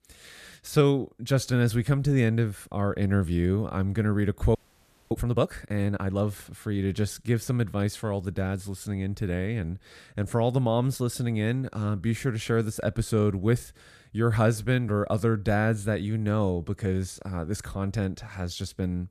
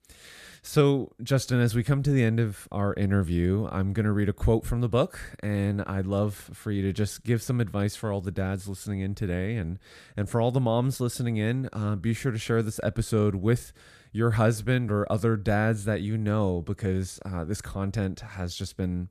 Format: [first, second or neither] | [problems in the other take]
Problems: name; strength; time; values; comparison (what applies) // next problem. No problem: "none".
second | audio freezing; at 4.5 s for 0.5 s